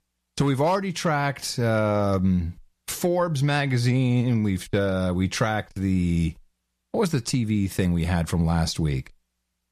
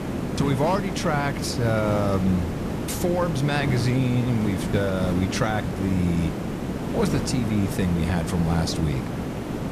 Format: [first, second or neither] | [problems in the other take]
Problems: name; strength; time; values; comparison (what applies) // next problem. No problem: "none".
first | hiss; loud; throughout; 4 dB below the speech